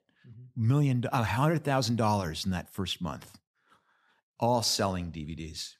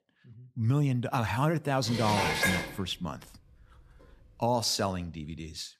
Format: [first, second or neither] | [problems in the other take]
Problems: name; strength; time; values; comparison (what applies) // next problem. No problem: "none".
first | clattering dishes; loud; at 2 s; peak 3 dB above the speech